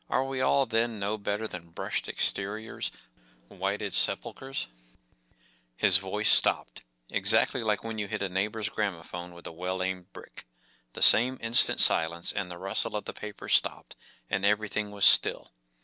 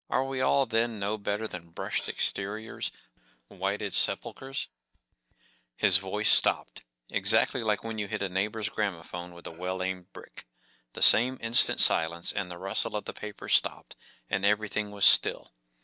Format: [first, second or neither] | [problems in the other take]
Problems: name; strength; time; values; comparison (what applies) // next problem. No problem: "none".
first | noise reduction (neural mask model DeepFilterNet 3)